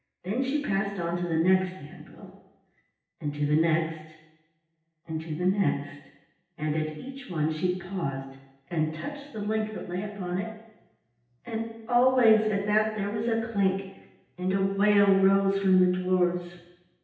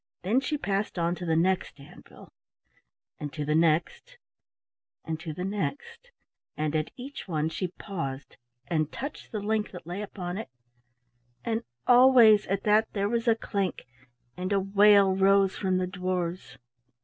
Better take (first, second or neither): second